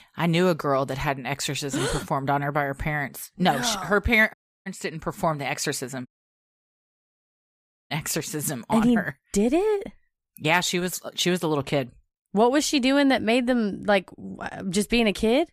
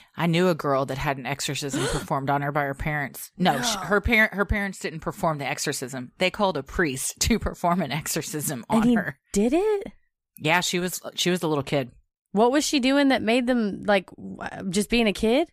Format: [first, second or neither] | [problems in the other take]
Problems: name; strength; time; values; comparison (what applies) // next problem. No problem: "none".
second | audio cutting out; at 4.5 s and at 6 s for 2 s